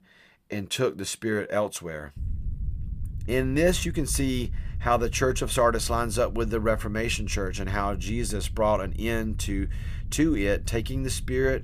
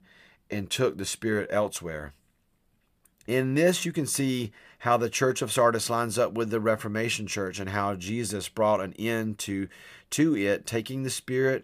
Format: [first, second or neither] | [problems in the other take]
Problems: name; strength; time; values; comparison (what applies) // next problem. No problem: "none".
second | low rumble; faint; from 2 s on; 25 dB below the speech